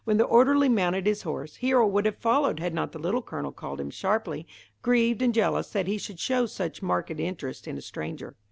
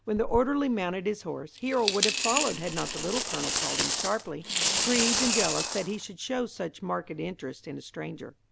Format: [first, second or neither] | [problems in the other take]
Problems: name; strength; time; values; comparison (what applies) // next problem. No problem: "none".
first | background sound (Coin (dropping)); 1 dB below the speech